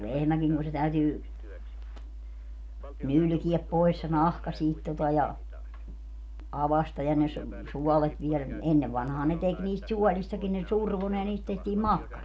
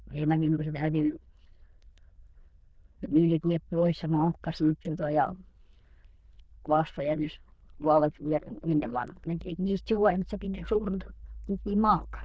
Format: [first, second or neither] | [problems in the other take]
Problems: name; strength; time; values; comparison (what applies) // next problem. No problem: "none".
first | noise reduction (neural diffusion model UNIVERSE++)